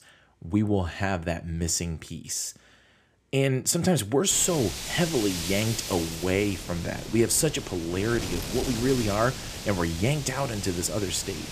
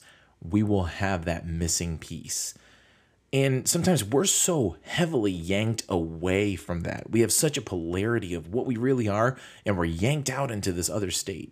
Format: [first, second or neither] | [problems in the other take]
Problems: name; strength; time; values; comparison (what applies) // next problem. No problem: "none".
second | wind noise on the microphone; heavy; from 4.5 s on; 7 dB below the speech